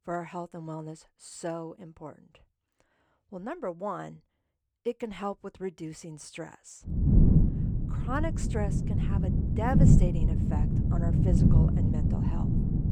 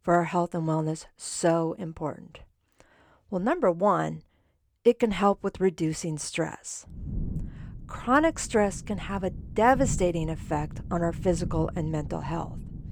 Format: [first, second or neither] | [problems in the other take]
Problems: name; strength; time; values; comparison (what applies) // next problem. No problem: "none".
second | wind noise on the microphone; heavy; from 7 s on; 2 dB above the speech; occasional gusts in the second